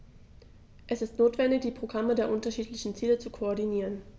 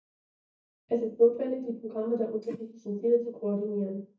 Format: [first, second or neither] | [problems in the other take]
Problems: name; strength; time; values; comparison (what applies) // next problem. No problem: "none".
first | noise reduction (neural mask model DeepFilterNet 3)